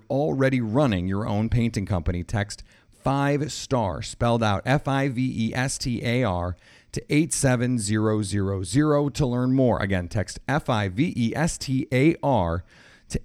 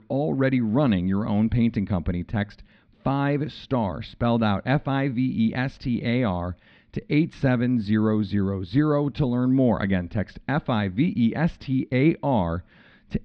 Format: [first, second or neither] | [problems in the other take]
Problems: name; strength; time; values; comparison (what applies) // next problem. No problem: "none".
first | muffled; slightly; fading above 4 kHz